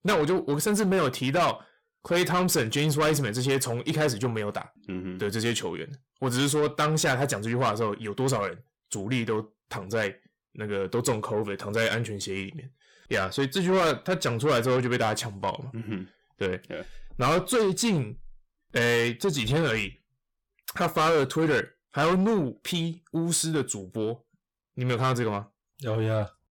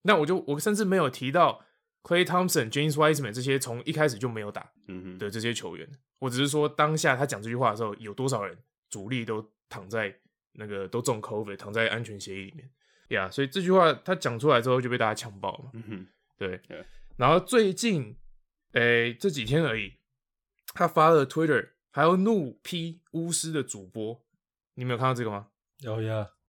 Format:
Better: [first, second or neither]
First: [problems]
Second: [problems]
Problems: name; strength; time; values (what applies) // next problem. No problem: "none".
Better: second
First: distortion; heavy; 7 dB below the speech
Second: none